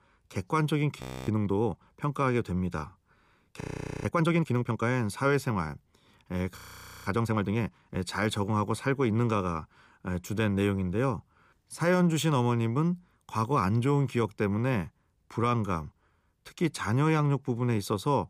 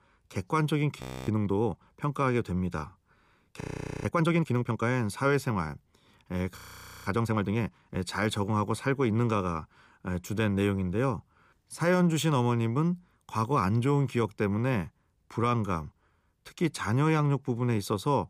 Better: neither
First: audio freezing; at 1 s, at 3.5 s and at 6.5 s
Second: audio freezing; at 1 s, at 3.5 s and at 6.5 s

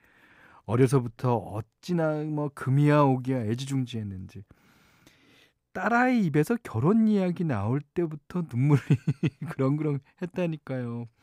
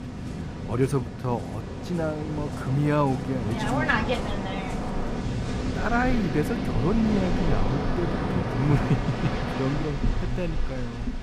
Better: first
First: none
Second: rain or running water; loud; throughout; 1 dB below the speech

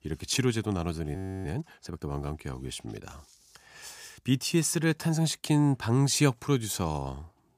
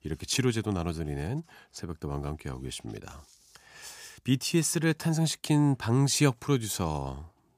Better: second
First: audio freezing; at 1 s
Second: none

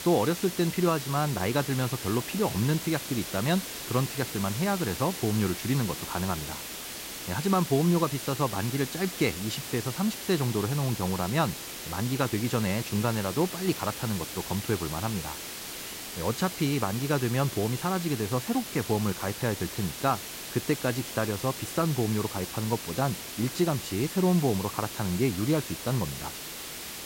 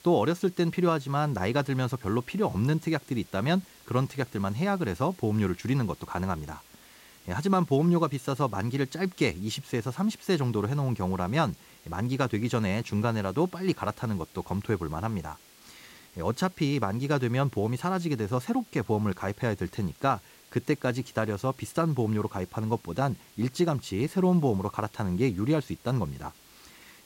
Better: second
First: hiss; loud; throughout; 7 dB below the speech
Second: hiss; faint; throughout; 25 dB below the speech

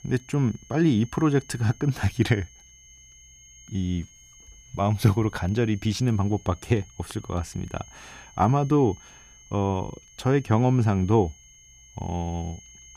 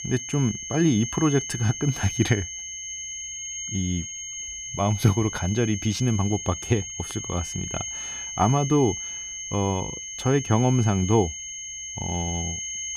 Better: first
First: high-pitched whine; faint; throughout; 6.5 kHz, 25 dB below the speech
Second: high-pitched whine; loud; throughout; 6.5 kHz, 7 dB below the speech

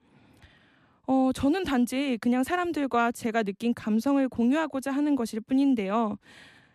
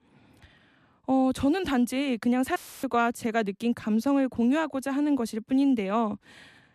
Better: first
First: none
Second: audio cutting out; filled with static; at 2.5 s

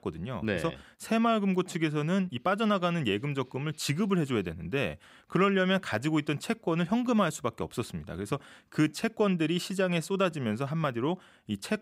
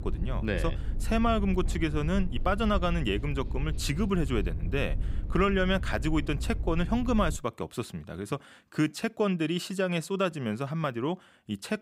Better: first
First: none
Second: low rumble; noticeable; until 7.5 s; 20 dB below the speech

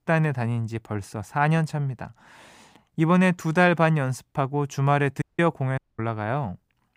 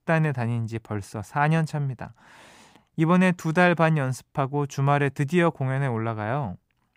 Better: second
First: audio cutting out; at 5 s and at 6 s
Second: none

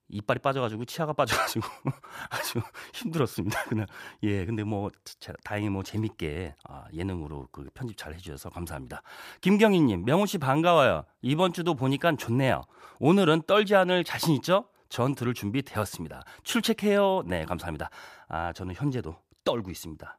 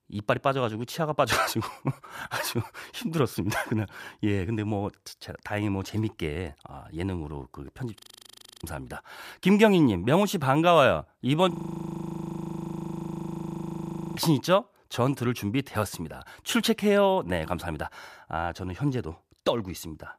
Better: first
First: none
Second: audio freezing; at 8 s for 0.5 s and at 12 s for 2.5 s

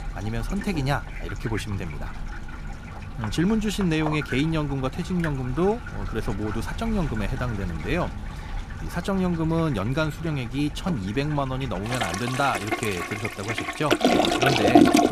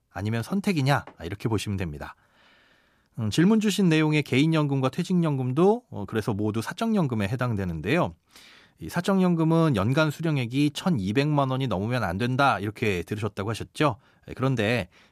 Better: second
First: household noises; loud; throughout; 1 dB below the speech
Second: none

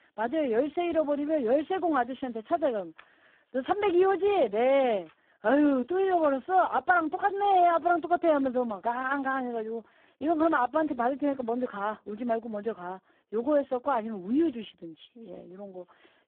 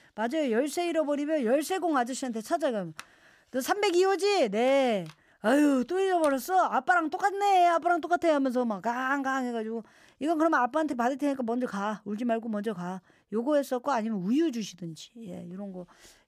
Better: second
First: phone-call audio; poor line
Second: none

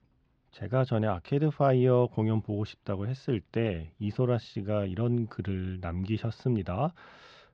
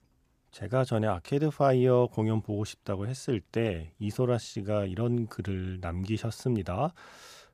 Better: second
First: muffled; very slightly; fading above 4 kHz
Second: none

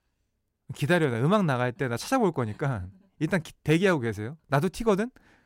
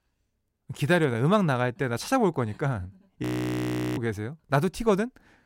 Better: first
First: none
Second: audio freezing; at 3 s for 0.5 s

